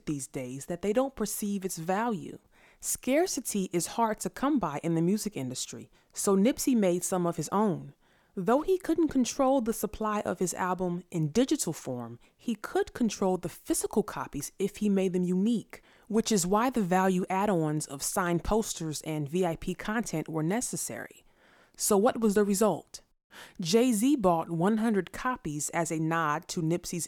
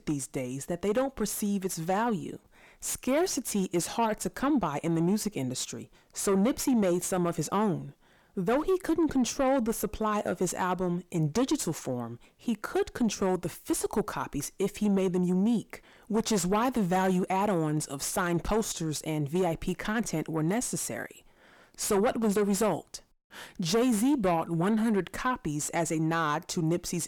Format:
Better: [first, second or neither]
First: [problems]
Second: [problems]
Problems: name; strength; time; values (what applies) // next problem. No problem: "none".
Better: first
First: none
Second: distortion; slight; 10 dB below the speech